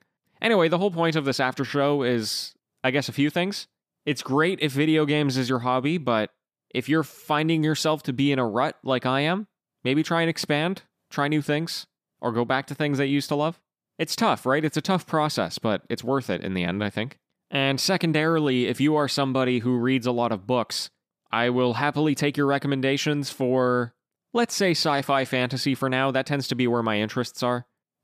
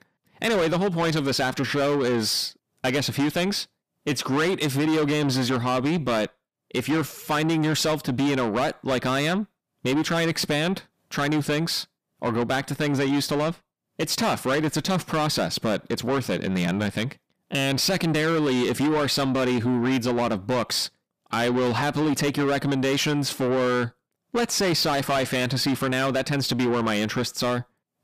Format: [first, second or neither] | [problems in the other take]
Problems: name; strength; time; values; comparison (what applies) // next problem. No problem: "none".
first | distortion; heavy; 7 dB below the speech